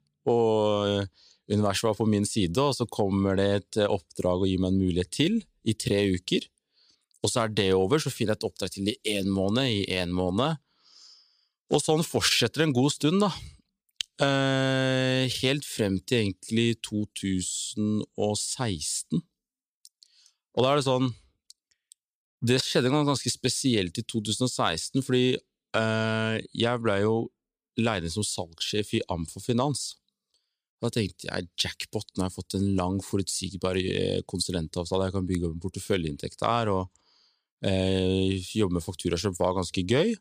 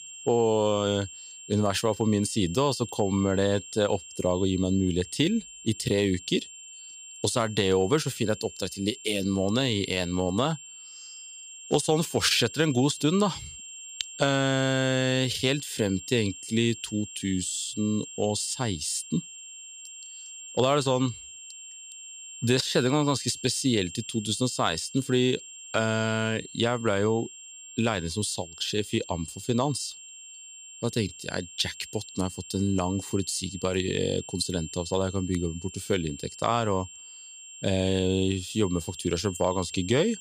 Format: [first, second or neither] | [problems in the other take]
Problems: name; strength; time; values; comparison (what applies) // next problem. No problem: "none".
first | high-pitched whine; noticeable; throughout; 7.5 kHz, 15 dB below the speech